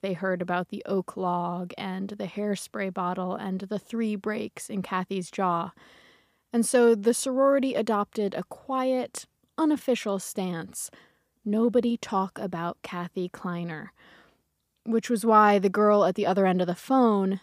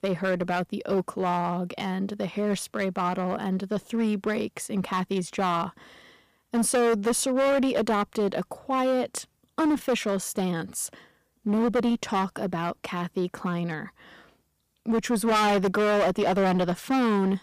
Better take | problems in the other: first | distortion; heavy; 12% of the sound clipped

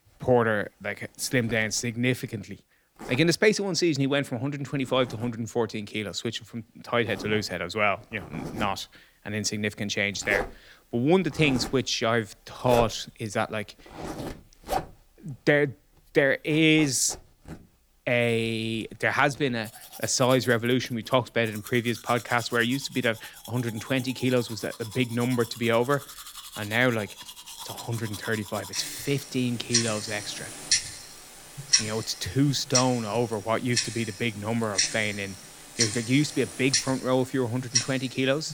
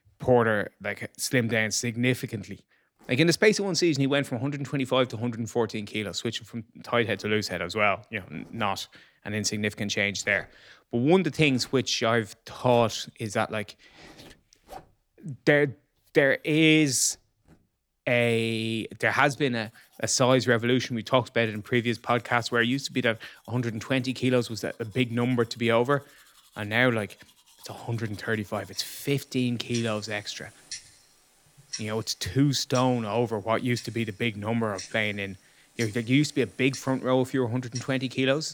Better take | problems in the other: second | household noises; loud; throughout; 6 dB below the speech; faint in the second

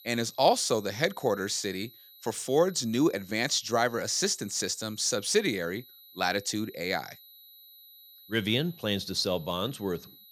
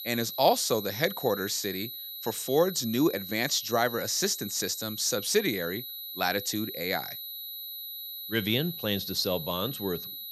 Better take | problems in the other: first | high-pitched whine; loud; throughout; 4 kHz, 8 dB below the speech; faint in the first

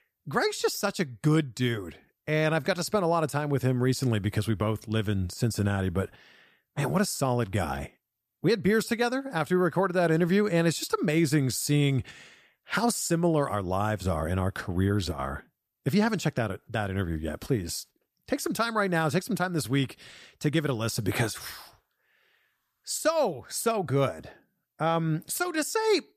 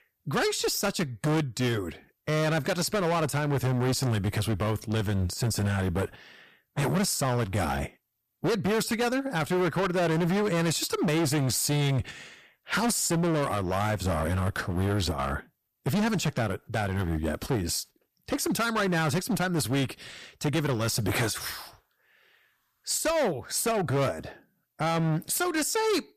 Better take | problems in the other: first | distortion; heavy; 19% of the sound clipped

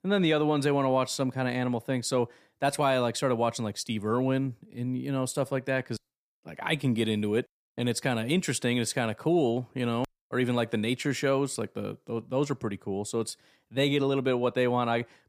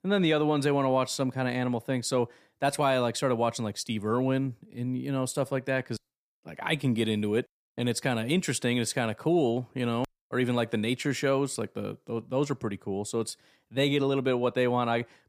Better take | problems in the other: neither | none

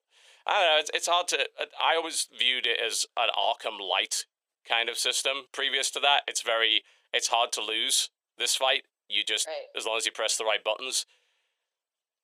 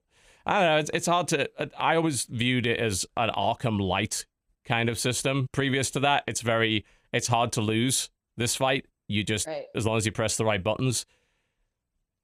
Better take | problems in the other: second | thin; very; fading below 500 Hz

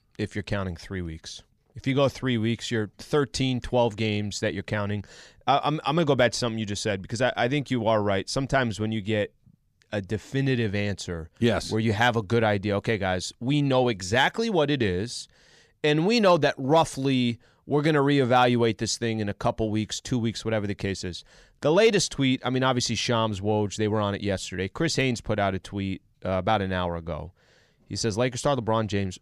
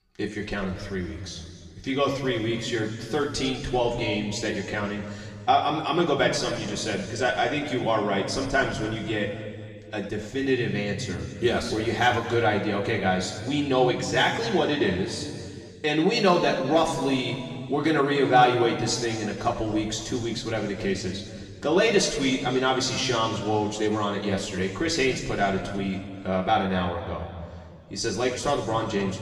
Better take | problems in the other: first | room echo; noticeable; dies away in 1.9 s // off-mic speech; far

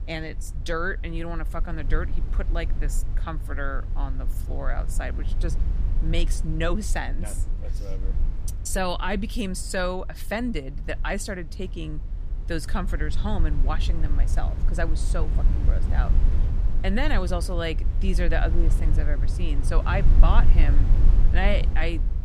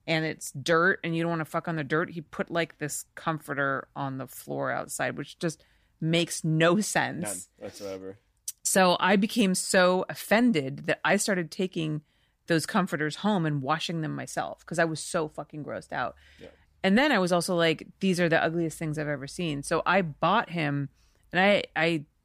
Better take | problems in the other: second | low rumble; noticeable; throughout; 15 dB below the speech

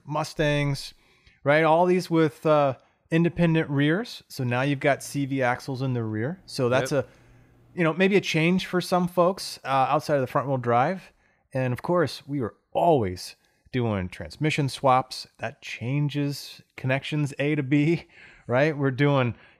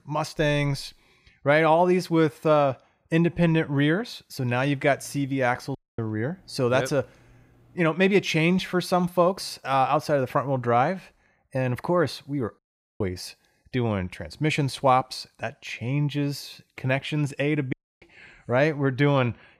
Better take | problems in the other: first | audio cutting out; at 6 s, at 13 s and at 18 s

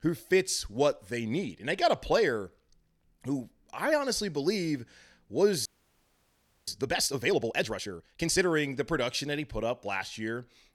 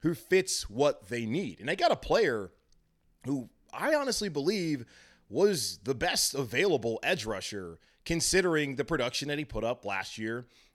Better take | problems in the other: second | audio freezing; at 5.5 s for 1 s

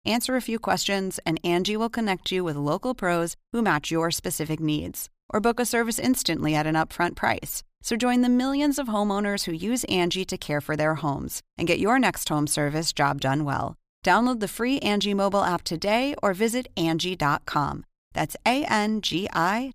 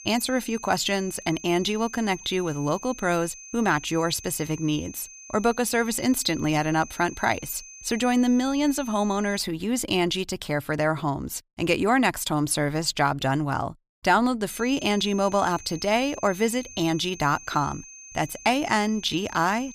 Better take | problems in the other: first | high-pitched whine; noticeable; until 9.5 s and from 14 s on; 6.5 kHz, 15 dB below the speech

